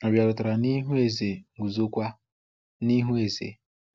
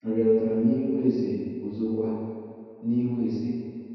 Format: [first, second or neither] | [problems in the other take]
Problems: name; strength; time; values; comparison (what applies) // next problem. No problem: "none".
first | room echo; dies away in 2.2 s